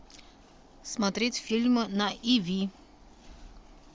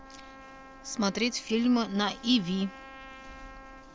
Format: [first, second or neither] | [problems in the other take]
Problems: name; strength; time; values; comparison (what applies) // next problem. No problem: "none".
first | background sound (Trumpet); 18 dB below the speech